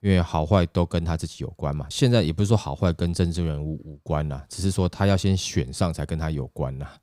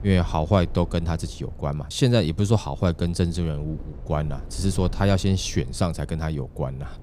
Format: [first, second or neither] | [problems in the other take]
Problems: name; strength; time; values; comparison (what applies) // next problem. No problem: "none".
first | low rumble; faint; throughout; 20 dB below the speech